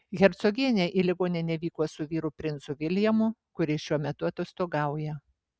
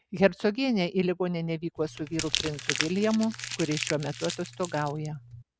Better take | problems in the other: first | background sound (Crumpling, crinkling); 7 dB below the speech

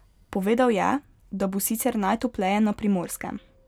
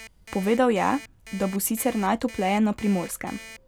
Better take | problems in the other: first | background sound (Alarm); 19 dB below the speech

